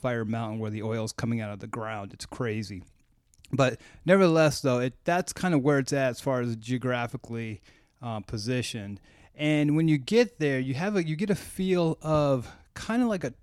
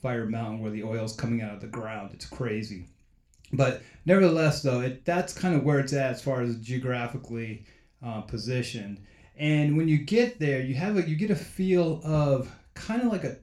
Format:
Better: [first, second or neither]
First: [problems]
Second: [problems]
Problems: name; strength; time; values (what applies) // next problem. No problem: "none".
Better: first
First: none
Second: room echo; very slight; dies away in 0.3 s